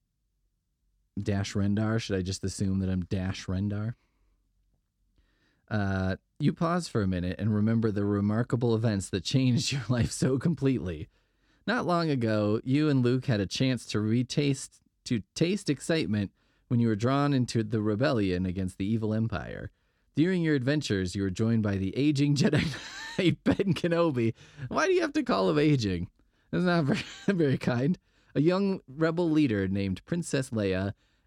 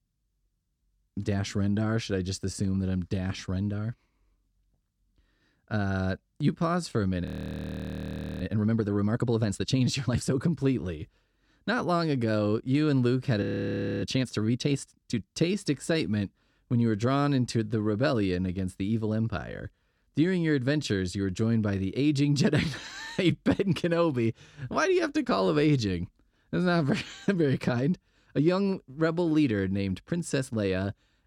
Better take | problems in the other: first | audio freezing; at 7.5 s for 1 s and at 13 s for 0.5 s

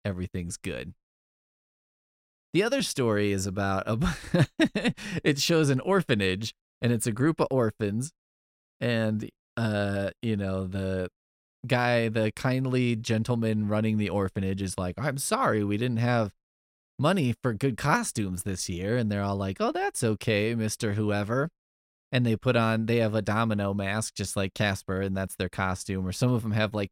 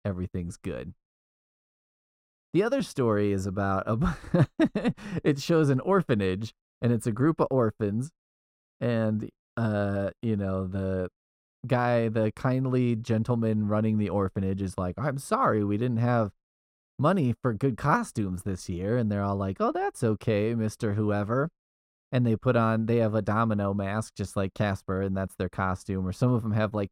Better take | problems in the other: first | muffled; slightly; fading above 1.5 kHz

